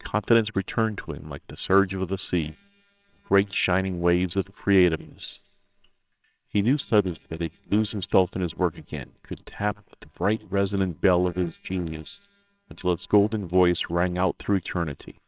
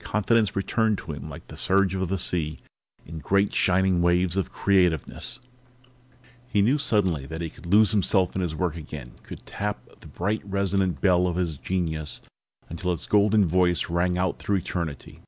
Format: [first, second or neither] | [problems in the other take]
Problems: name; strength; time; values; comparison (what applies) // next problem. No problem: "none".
second | noise reduction (neural separator model SepFormer WHAMR!)